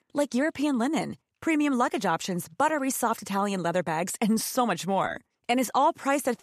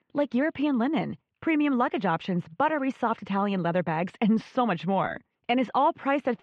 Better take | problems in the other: first | muffled; very; fading above 3 kHz

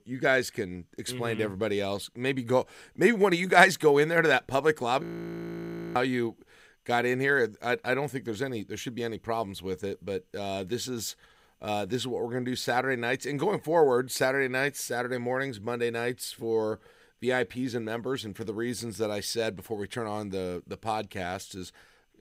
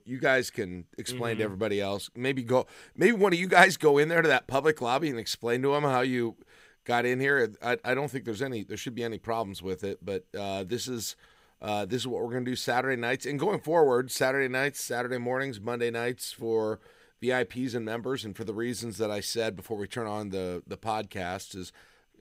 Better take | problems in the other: second | audio freezing; at 5 s for 1 s

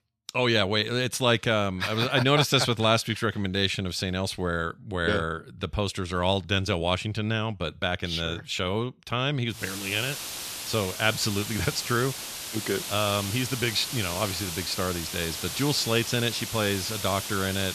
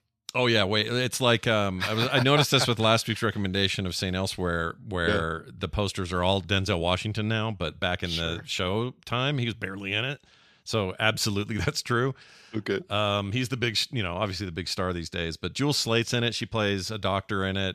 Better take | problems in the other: second | hiss; loud; from 9.5 s on; 6 dB below the speech

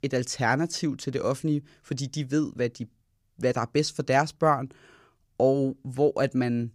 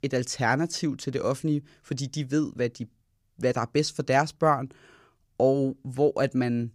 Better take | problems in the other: neither | none

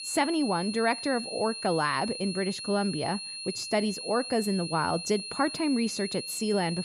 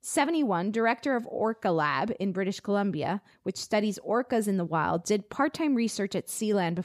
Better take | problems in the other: second | high-pitched whine; loud; throughout; 4 kHz, 7 dB below the speech

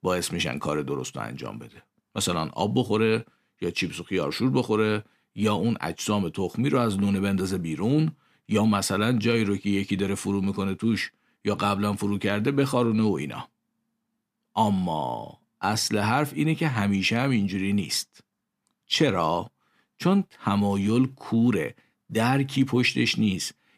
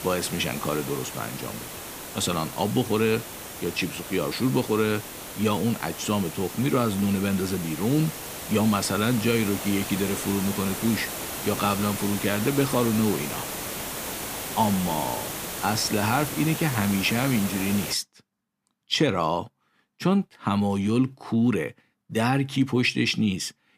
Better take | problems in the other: first | hiss; loud; until 18 s; 7 dB below the speech

